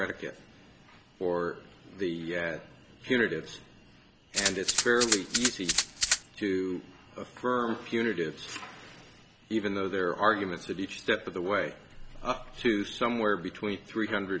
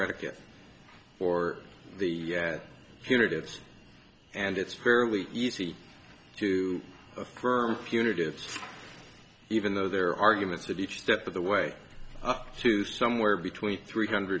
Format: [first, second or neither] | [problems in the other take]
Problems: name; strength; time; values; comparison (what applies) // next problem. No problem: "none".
second | background sound (Rattle (instrument)); 2 dB above the speech